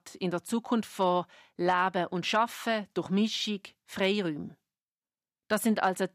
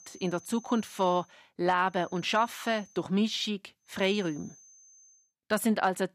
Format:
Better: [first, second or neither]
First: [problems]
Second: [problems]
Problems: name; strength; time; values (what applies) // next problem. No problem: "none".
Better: first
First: none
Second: high-pitched whine; faint; until 1 s, from 2 to 3 s and from 4 to 5 s; 6 kHz, 25 dB below the speech